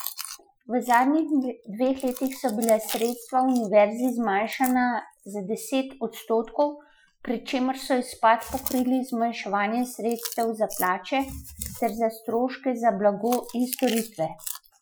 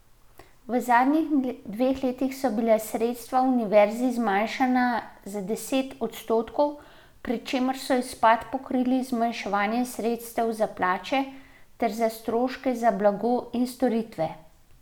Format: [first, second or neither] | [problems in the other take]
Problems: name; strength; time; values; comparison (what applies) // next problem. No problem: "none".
second | noise reduction (classical method Wiener filter)